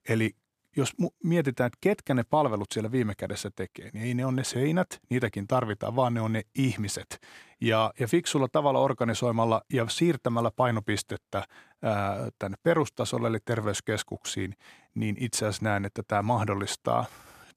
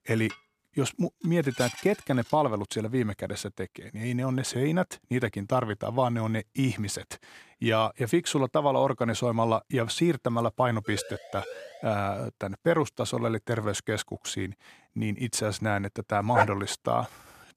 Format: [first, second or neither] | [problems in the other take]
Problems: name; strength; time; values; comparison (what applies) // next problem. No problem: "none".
first | clattering dishes; noticeable; until 2.5 s; peak 7 dB below the speech // siren; faint; from 11 to 12 s; peak 15 dB below the speech // dog barking; loud; at 16 s; peak 2 dB above the speech